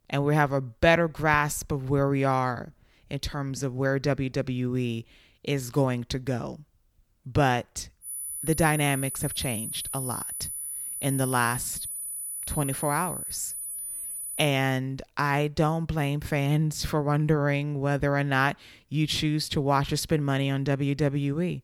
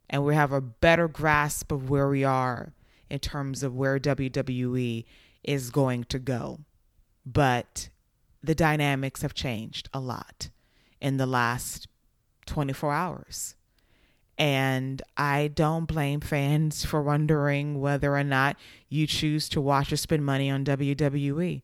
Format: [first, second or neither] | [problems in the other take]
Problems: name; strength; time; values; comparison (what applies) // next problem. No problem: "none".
second | high-pitched whine; loud; from 8 to 14 s; 10 kHz, 5 dB below the speech